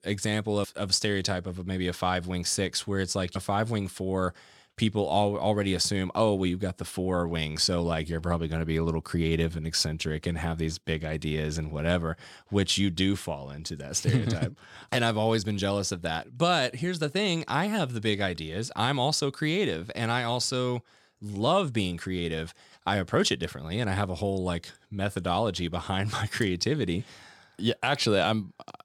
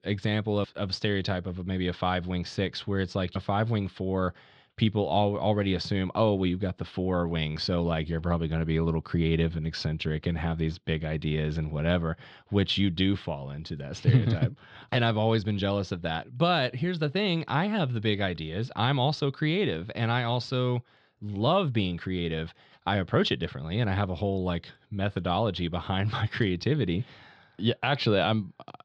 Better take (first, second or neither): first